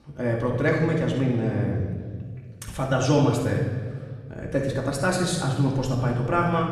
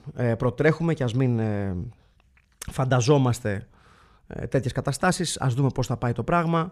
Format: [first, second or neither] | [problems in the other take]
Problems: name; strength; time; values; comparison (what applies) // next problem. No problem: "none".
second | room echo; noticeable; dies away in 1.4 s // off-mic speech; far